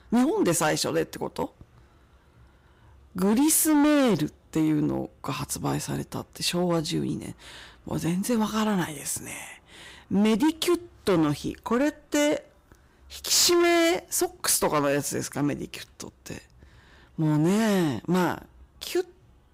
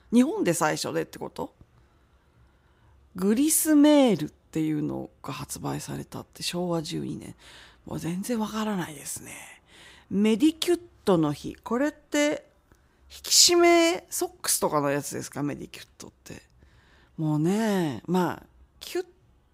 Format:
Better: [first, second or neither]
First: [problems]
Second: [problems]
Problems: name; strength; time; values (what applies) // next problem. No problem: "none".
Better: second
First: distortion; heavy; 9% of the sound clipped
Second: none